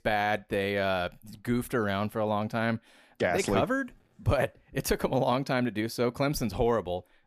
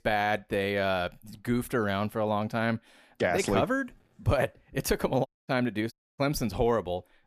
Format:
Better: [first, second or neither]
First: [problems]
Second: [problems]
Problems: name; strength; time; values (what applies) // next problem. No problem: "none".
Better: first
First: none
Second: audio cutting out; at 5.5 s and at 6 s